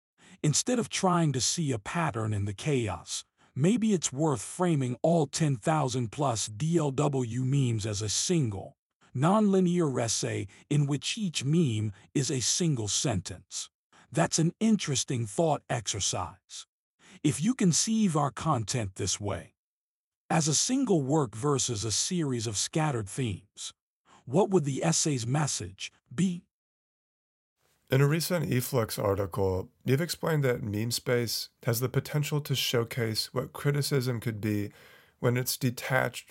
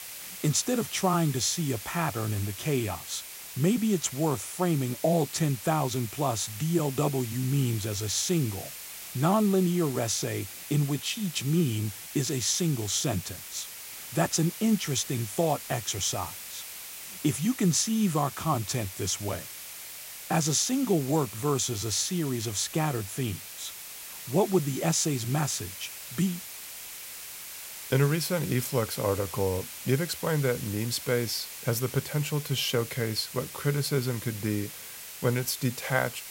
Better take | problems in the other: first | hiss; noticeable; throughout; 10 dB below the speech

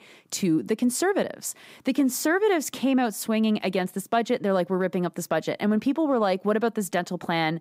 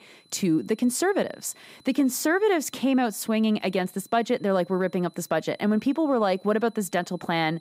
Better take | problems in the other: first | high-pitched whine; faint; throughout; 4 kHz, 30 dB below the speech

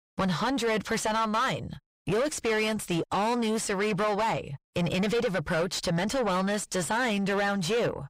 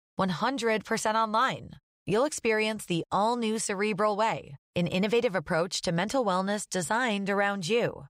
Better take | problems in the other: second | distortion; heavy; 7 dB below the speech

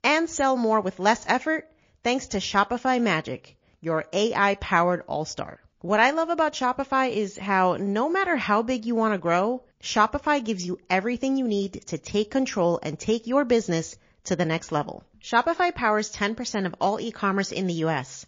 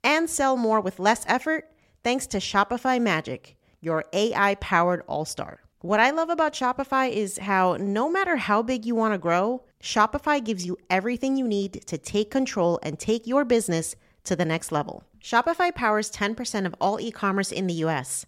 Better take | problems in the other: second | garbled, watery; slightly

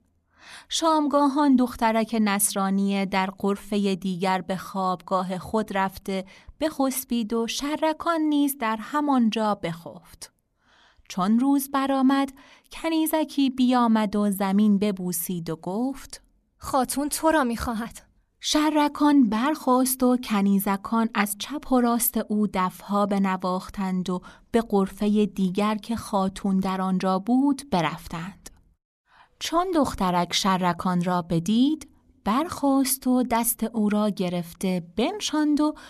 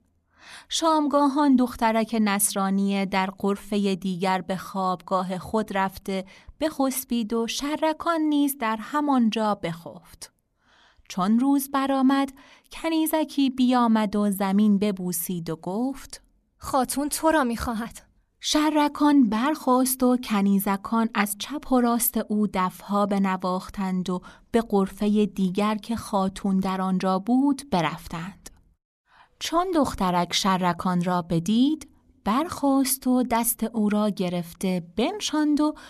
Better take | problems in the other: neither | none

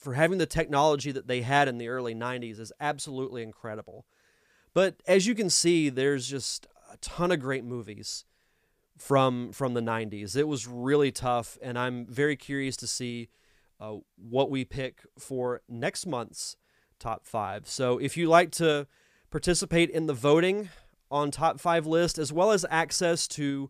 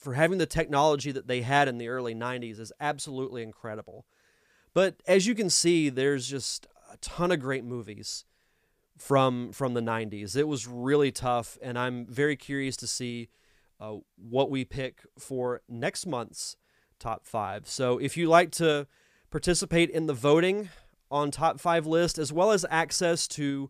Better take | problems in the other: neither | none

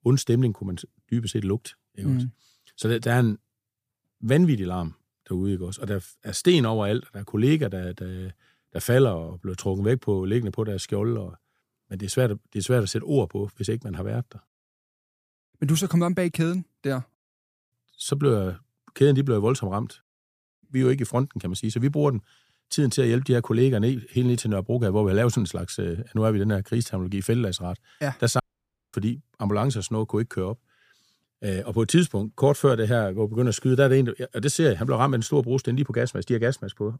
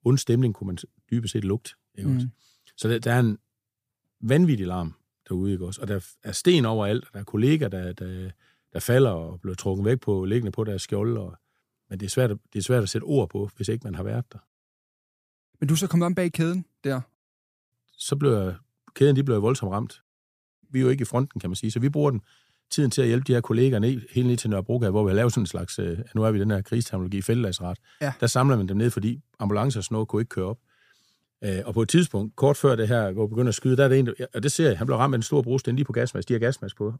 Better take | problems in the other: second | audio cutting out; at 28 s for 0.5 s

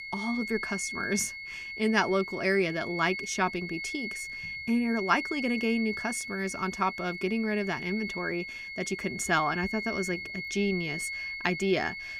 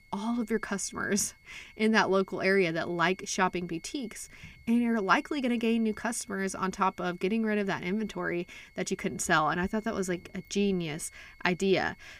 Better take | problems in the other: second | high-pitched whine; loud; throughout; 2 kHz, 6 dB below the speech; faint in the second

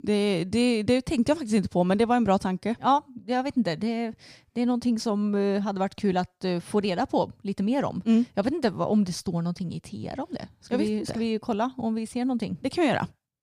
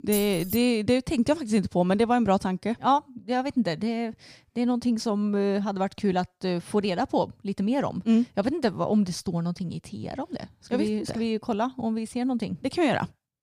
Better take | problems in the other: first | jangling keys; noticeable; at the start; peak 6 dB below the speech

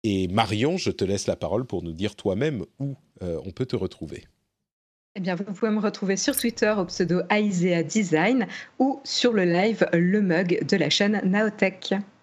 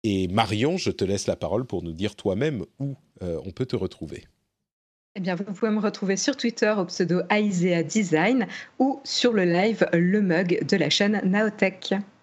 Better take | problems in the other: second | jangling keys; noticeable; at 6.5 s; peak 6 dB below the speech

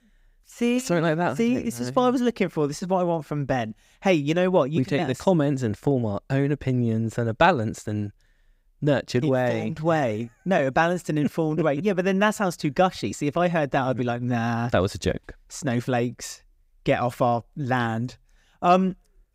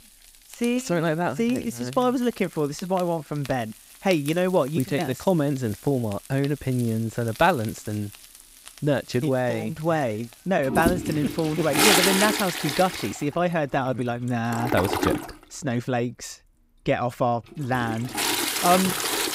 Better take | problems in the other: first | household noises; very loud; throughout; as loud as the speech

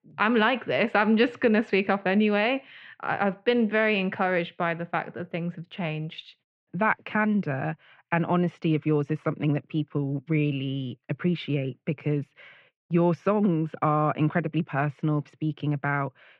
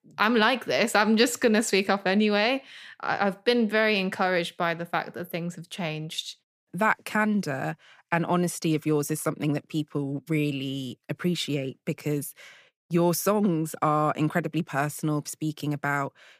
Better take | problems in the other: second | muffled; very; fading above 2.5 kHz

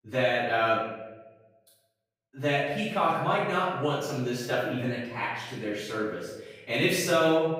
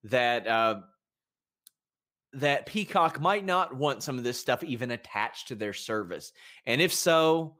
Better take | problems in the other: second | room echo; strong; dies away in 1 s // off-mic speech; far

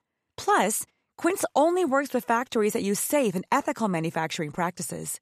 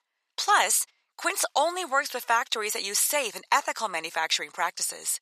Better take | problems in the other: first | thin; very; fading below 900 Hz

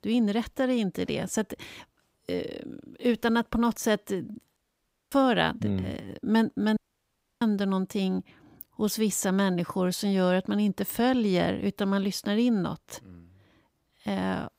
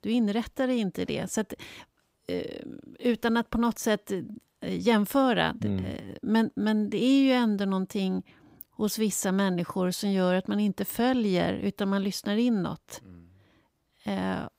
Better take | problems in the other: second | audio cutting out; at 4.5 s for 0.5 s and at 7 s for 0.5 s

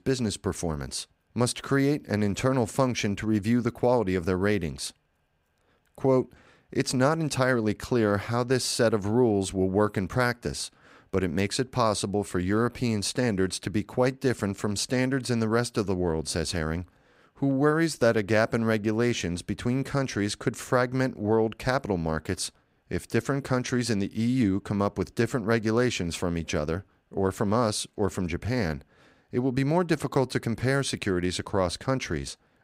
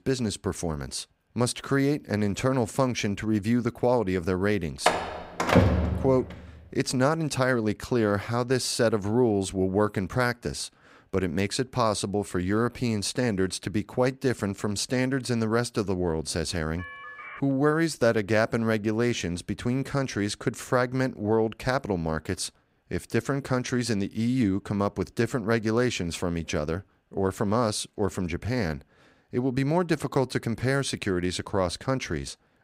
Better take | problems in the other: first | door banging; loud; from 5 to 6 s; peak 6 dB above the speech // phone ringing; faint; at 17 s; peak 15 dB below the speech

